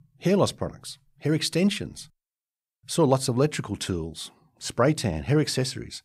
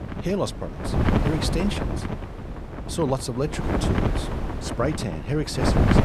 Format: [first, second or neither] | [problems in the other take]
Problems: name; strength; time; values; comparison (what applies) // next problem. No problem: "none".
first | wind noise on the microphone; heavy; 1 dB below the speech